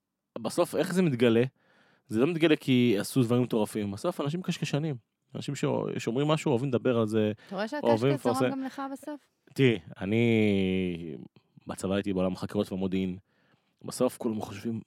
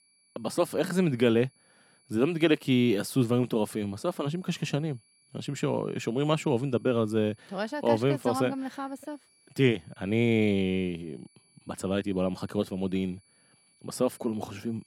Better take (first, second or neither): first